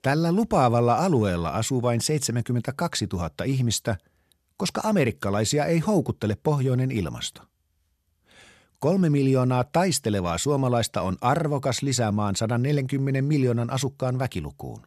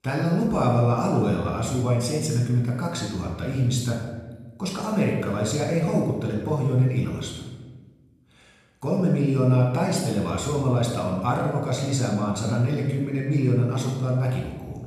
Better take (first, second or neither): first